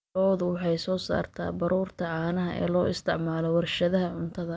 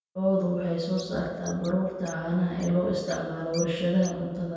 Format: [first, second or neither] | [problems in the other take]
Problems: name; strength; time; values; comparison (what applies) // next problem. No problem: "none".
first | background sound (Bird); 19 dB below the speech // room echo; dies away in 1.1 s